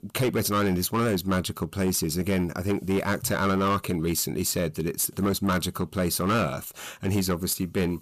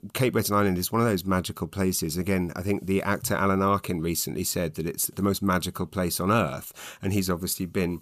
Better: second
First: distortion; slight; 9% of the sound clipped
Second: none

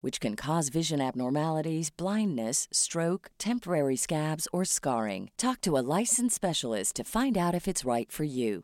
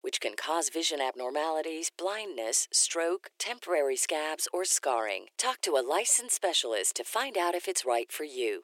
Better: first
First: none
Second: thin; very; fading below 350 Hz

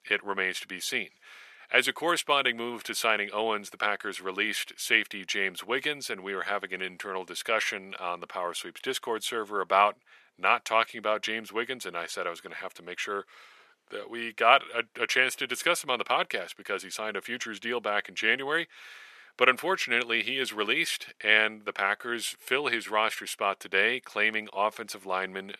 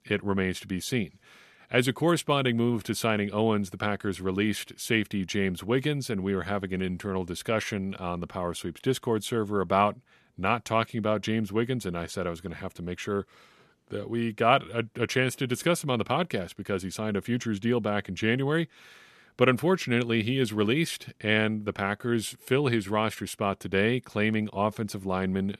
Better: second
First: thin; very; fading below 550 Hz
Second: none

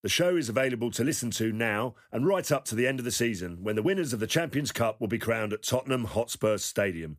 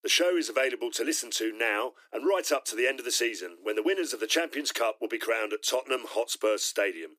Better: first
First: none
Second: thin; very; fading below 300 Hz

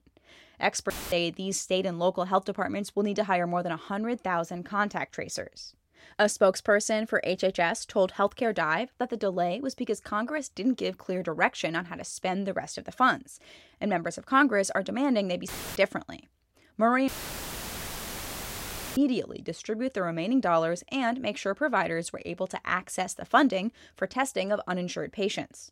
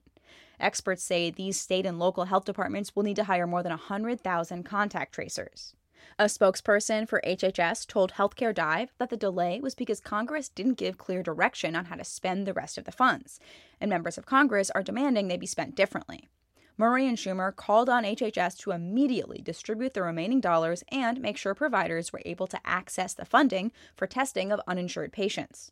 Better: second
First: audio cutting out; filled with static; at 1 s, at 15 s and at 17 s for 2 s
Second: none

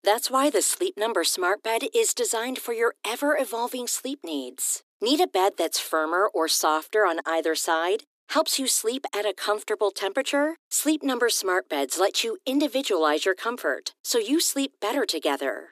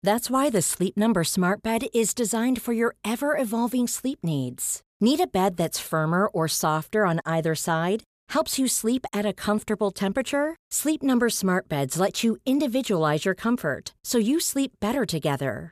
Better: second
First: thin; somewhat; fading below 300 Hz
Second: none

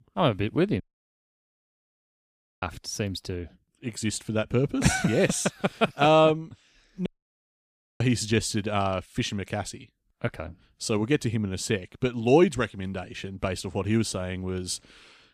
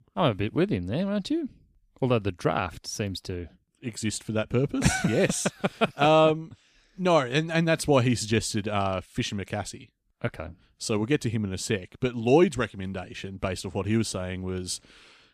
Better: second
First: audio cutting out; at 1 s for 2 s and at 7 s for 1 s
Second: none

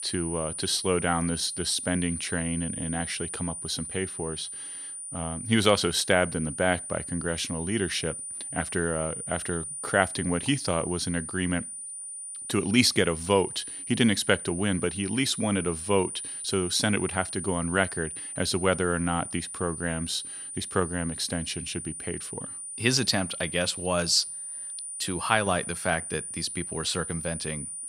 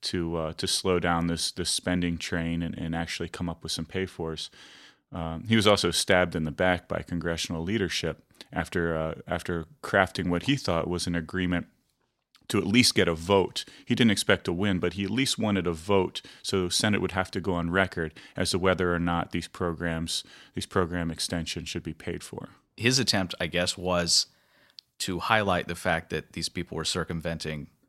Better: second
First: high-pitched whine; loud; throughout; 9.5 kHz, 7 dB below the speech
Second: none

